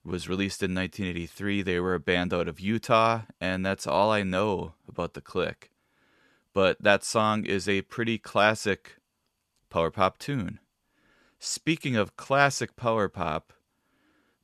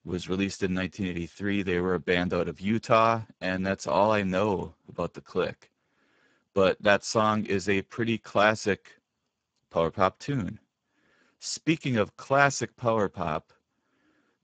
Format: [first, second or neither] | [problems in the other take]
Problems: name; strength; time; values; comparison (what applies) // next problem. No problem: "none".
first | garbled, watery; badly; nothing above 7.5 kHz